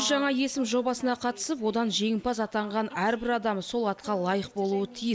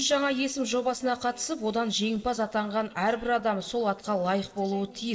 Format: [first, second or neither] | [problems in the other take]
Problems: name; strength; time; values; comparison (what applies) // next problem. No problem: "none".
first | noise reduction (neural separator model SepFormer DNS4)